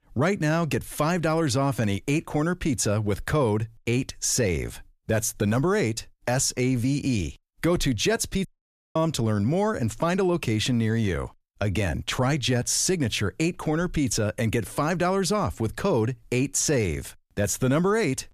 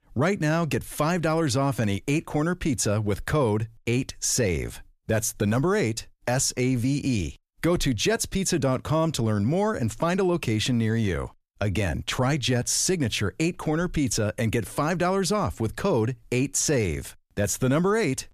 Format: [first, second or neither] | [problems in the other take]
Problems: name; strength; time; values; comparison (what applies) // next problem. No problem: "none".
second | audio cutting out; at 8.5 s for 0.5 s